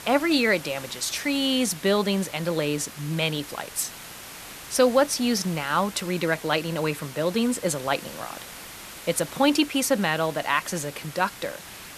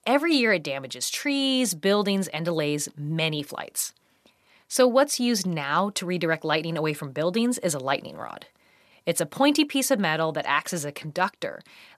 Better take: second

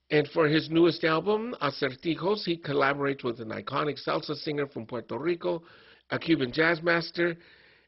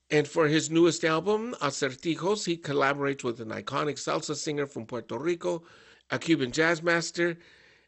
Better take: second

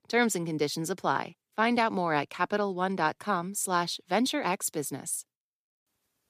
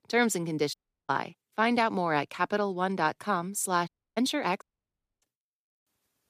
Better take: first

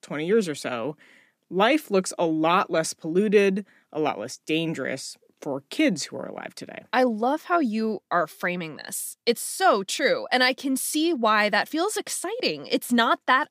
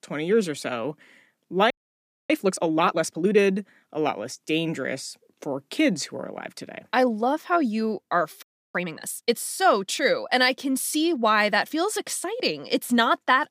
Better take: first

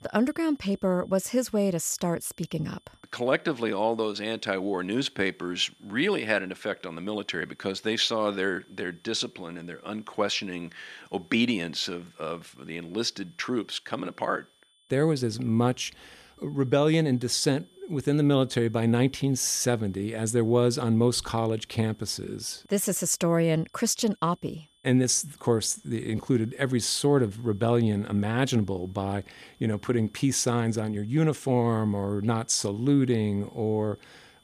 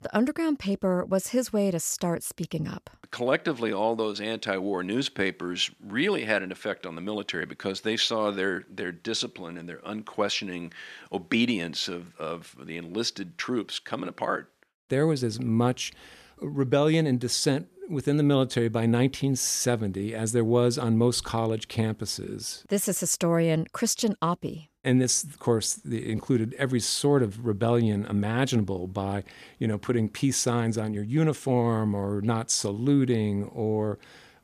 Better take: second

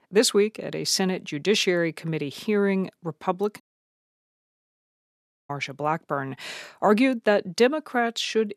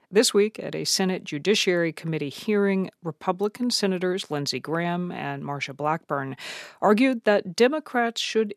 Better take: second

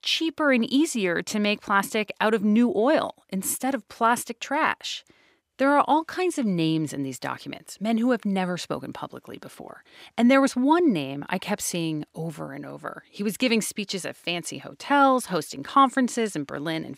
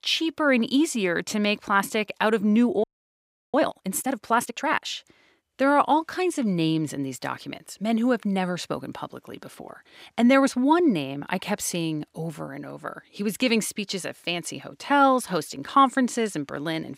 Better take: first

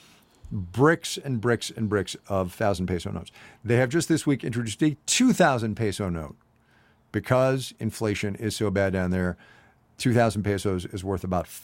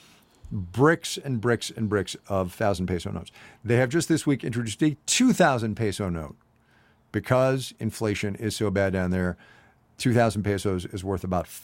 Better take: neither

